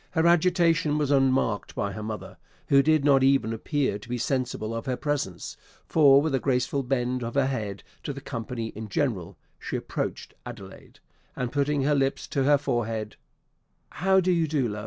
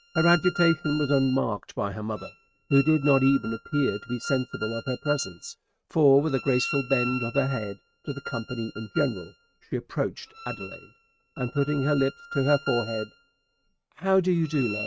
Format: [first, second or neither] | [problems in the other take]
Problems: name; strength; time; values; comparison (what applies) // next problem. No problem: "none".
first | noise reduction (neural mask model RNNoise)